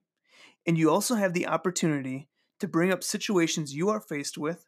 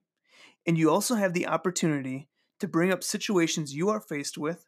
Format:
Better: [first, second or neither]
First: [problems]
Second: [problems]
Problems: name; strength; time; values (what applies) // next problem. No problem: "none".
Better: neither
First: none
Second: none